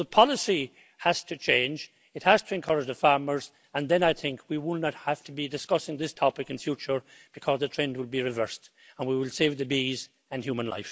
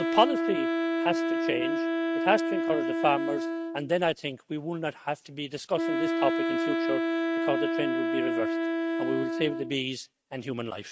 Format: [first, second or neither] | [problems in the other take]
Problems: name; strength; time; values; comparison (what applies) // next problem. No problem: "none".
first | noise reduction (neural mask model RNNoise)